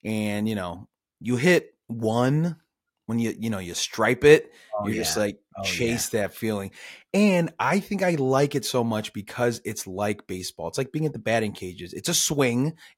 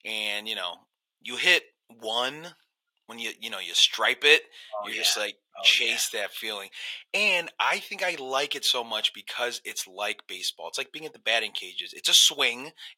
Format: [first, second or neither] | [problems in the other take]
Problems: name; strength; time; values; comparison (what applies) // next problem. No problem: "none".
first | thin; very; fading below 750 Hz